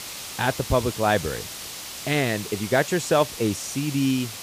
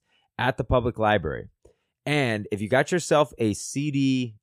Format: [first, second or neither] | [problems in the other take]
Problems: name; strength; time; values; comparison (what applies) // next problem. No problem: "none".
second | hiss; loud; throughout; 9 dB below the speech